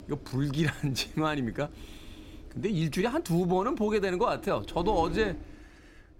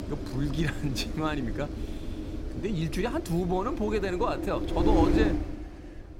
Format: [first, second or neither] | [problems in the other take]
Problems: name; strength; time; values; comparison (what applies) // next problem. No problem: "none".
first | wind noise on the microphone; heavy; 4 dB below the speech; occasional gusts in the first